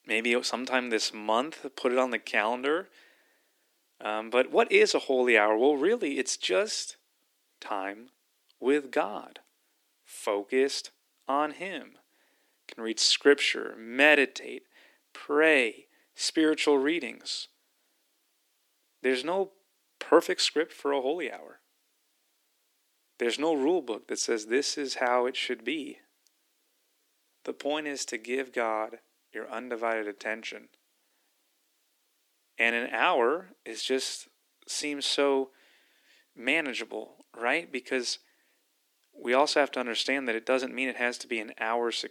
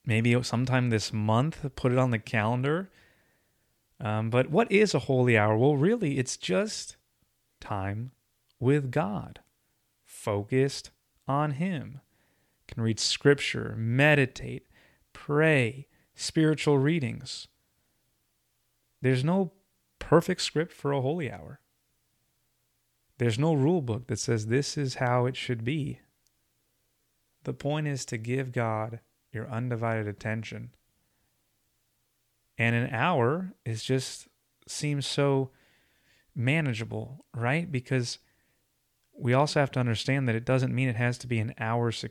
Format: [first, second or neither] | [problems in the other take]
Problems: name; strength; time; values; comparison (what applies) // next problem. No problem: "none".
second | thin; somewhat; fading below 300 Hz